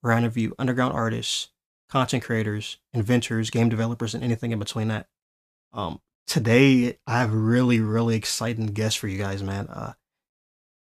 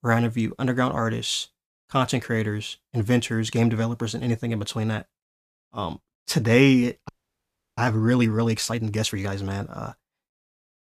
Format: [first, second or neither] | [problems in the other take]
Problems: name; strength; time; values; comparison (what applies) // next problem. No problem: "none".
first | audio freezing; at 7 s for 0.5 s